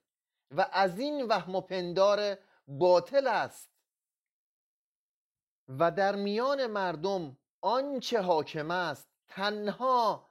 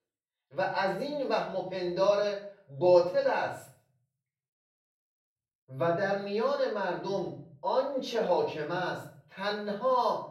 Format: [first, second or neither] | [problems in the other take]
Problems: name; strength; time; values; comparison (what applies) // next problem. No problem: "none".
first | off-mic speech; far // room echo; noticeable; dies away in 0.5 s